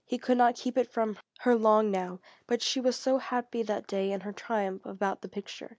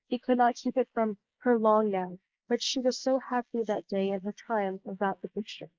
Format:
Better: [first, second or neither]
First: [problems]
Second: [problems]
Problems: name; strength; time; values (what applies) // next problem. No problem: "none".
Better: first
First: none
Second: noise reduction (neural mask model Resemble Enhance denoiser)